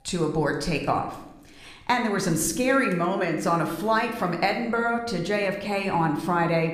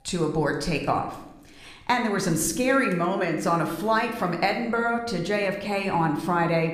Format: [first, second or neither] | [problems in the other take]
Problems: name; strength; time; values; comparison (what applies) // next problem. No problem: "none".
neither | room echo; slight; dies away in 0.7 s; the same in both